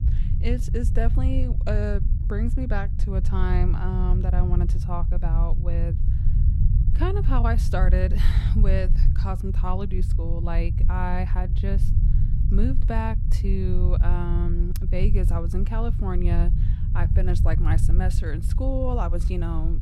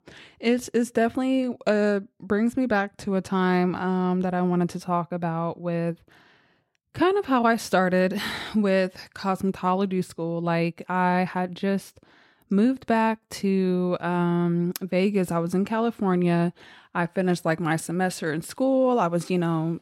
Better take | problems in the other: second | low rumble; loud; throughout; 8 dB below the speech

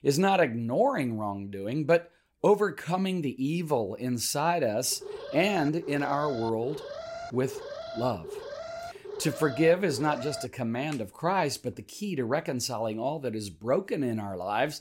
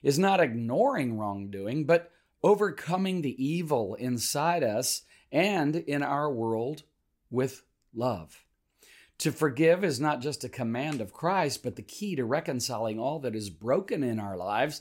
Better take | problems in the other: second | alarm; noticeable; from 5 to 10 s; peak 10 dB below the speech

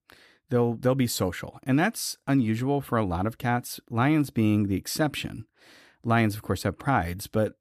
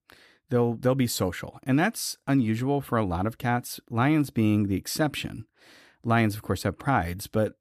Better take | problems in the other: neither | none

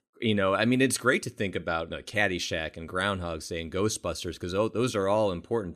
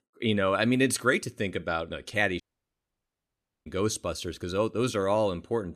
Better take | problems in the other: first | audio cutting out; at 2.5 s for 1.5 s

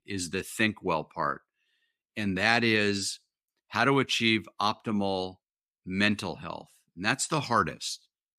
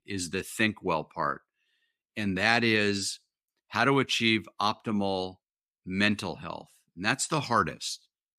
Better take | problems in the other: neither | none

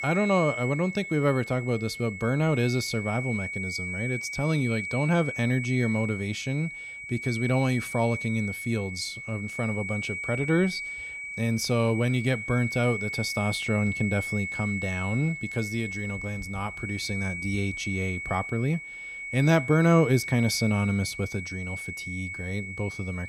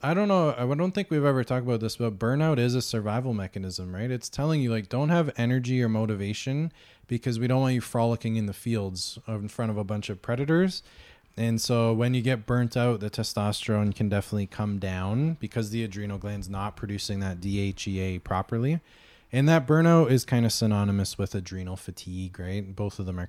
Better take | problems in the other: second | high-pitched whine; loud; throughout; 2.5 kHz, 6 dB below the speech

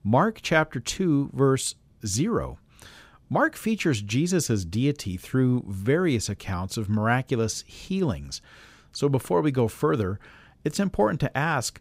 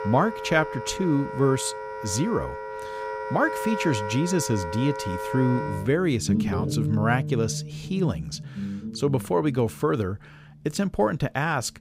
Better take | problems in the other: first | background music; loud; throughout; 6 dB below the speech

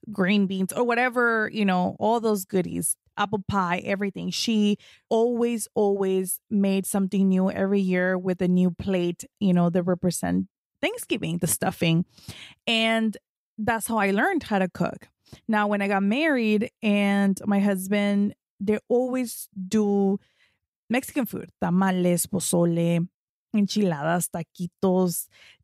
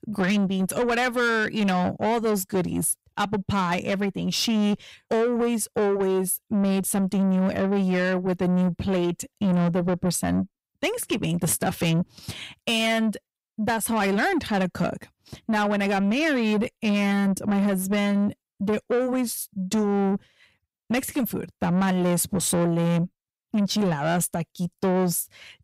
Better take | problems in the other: first | distortion; slight; 10 dB below the speech

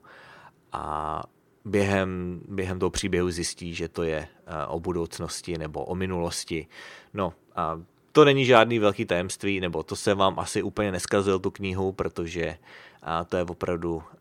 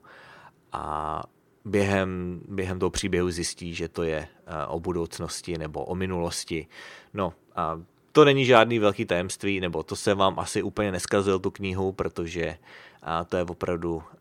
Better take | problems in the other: neither | none

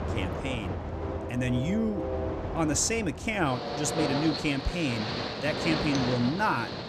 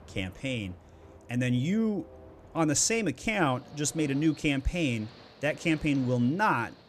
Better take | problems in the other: second | train or aircraft noise; loud; throughout; 4 dB below the speech; faint in the second

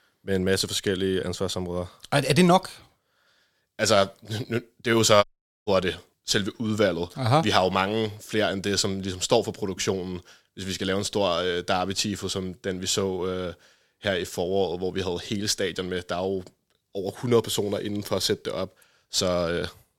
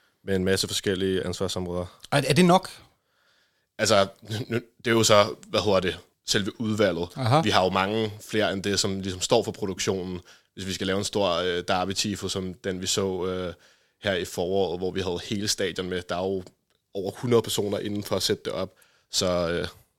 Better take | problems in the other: second | audio cutting out; at 5 s

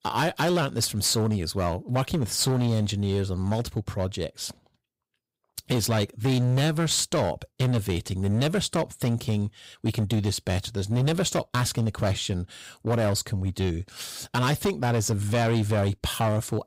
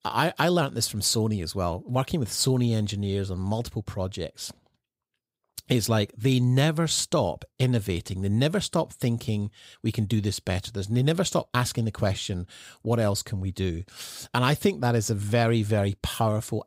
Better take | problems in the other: second | distortion; slight; 12% of the sound clipped

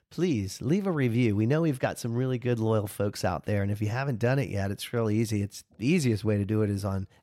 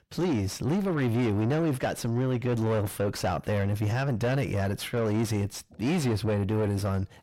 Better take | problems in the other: first | distortion; heavy; 6 dB below the speech

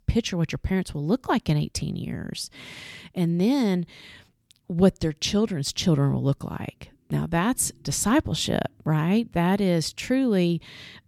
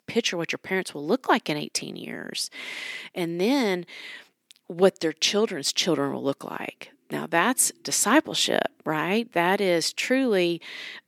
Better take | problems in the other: first | thin; somewhat; fading below 300 Hz

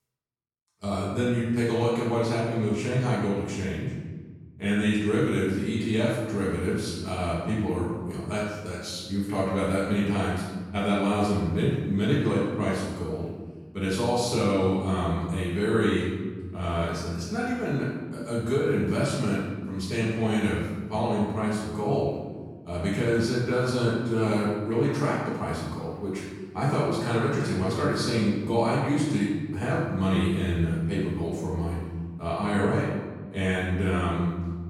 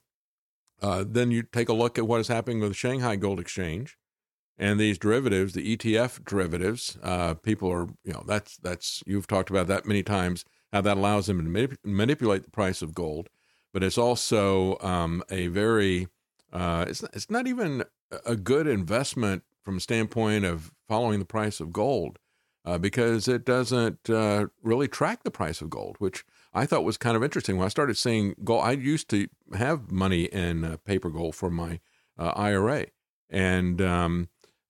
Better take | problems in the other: second | room echo; strong; dies away in 1.4 s // off-mic speech; far

